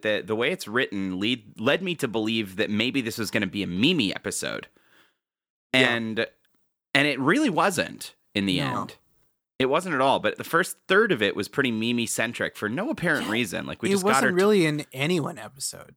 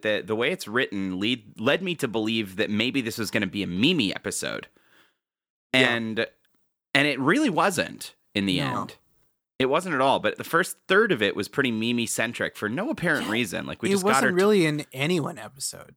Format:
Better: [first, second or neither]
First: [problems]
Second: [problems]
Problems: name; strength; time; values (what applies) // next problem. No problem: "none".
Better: neither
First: none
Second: none